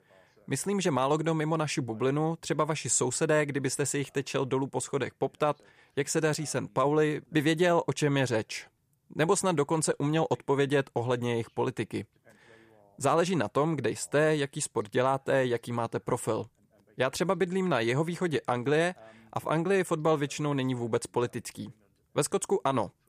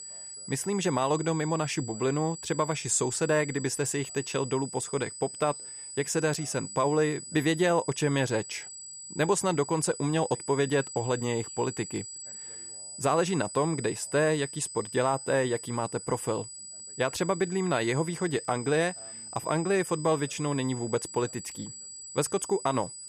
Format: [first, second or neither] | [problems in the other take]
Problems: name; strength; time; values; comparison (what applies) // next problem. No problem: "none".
first | high-pitched whine; noticeable; throughout; 8 kHz, 10 dB below the speech